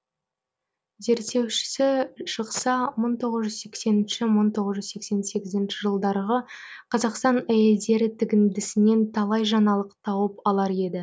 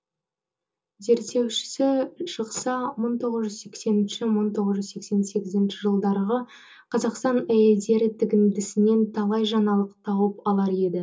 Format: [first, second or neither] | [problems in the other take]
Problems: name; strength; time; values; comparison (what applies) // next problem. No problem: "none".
first | room echo; dies away in 0.2 s